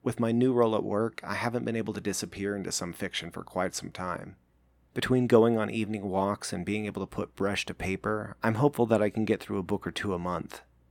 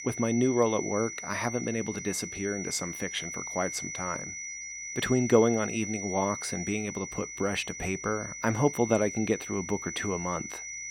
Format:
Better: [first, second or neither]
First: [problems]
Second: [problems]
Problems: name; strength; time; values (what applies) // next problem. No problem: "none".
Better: first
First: none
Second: high-pitched whine; loud; throughout; 6 kHz, 7 dB below the speech